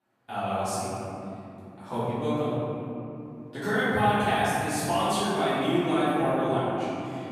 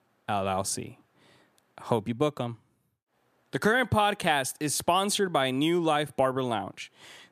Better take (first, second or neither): second